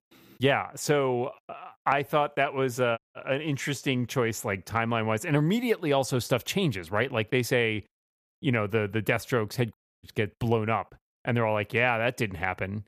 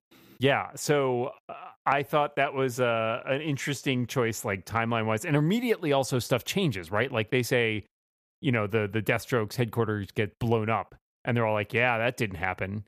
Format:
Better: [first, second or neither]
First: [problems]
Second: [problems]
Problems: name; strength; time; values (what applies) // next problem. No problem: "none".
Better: second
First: audio cutting out; at 3 s and at 9.5 s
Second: none